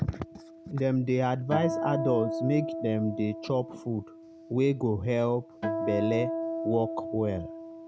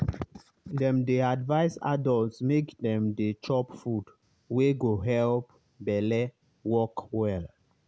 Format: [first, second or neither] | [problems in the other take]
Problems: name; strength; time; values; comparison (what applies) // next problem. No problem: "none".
second | background sound (Acoustic guitar); 6 dB below the speech